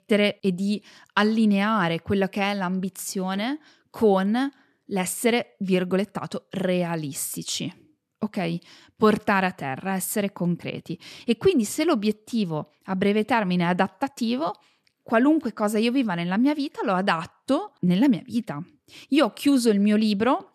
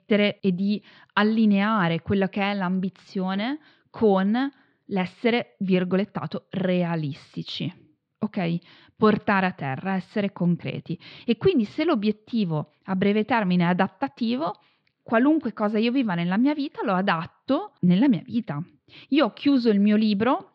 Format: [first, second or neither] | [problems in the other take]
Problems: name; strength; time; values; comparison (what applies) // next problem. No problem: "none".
first | muffled; very slightly; fading above 4 kHz